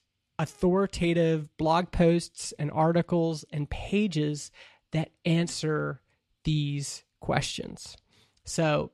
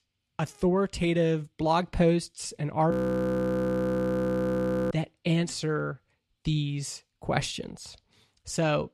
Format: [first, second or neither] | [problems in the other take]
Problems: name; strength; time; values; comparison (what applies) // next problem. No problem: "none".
first | audio freezing; at 3 s for 2 s